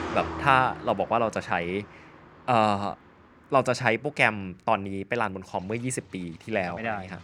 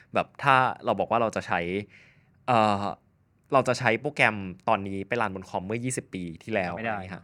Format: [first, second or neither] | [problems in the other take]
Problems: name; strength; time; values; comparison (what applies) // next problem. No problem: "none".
second | traffic noise; noticeable; throughout; 15 dB below the speech